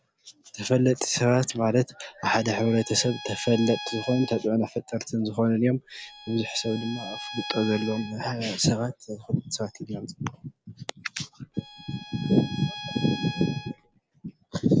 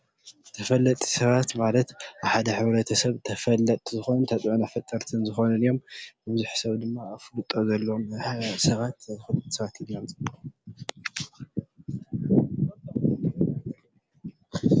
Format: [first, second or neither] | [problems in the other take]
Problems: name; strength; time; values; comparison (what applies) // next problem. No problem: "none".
second | background sound (Bowed string instrument); 13 dB below the speech